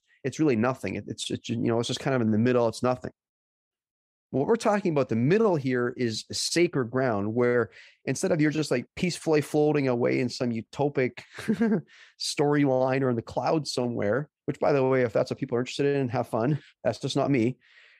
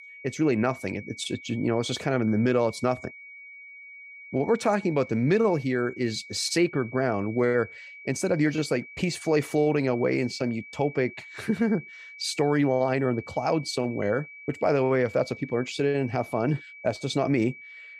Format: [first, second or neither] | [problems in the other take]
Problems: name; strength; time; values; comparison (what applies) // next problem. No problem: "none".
first | high-pitched whine; noticeable; throughout; 2.5 kHz, 15 dB below the speech